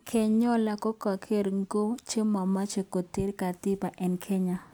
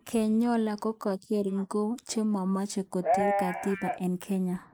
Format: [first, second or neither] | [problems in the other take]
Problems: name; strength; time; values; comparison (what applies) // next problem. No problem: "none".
first | noise reduction (neural mask model Resemble Enhance denoiser)